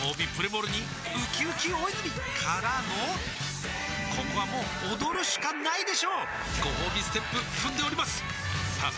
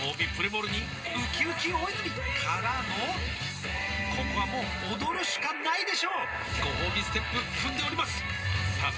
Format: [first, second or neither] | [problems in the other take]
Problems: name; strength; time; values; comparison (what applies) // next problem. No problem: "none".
first | room echo; dies away in 0.2 s